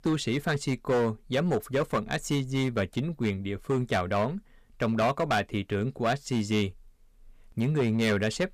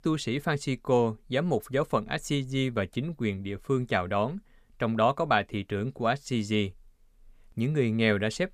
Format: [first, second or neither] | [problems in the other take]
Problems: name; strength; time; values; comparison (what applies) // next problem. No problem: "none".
second | distortion; slight; 7% of the sound clipped